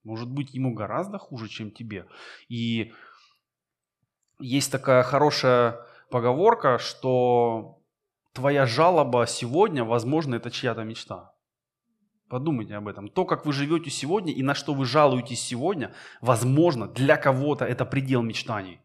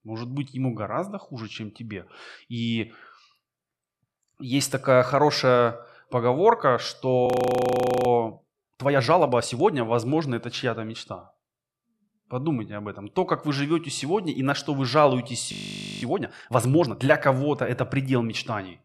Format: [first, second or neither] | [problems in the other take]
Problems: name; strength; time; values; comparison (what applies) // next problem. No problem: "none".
first | audio freezing; at 7.5 s for 1 s and at 16 s for 0.5 s